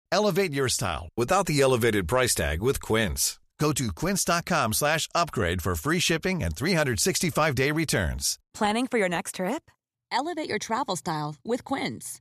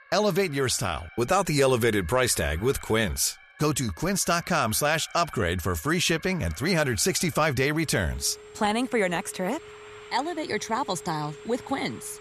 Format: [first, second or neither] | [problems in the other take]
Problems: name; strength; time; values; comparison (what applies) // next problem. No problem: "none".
first | alarms or sirens; faint; throughout; 20 dB below the speech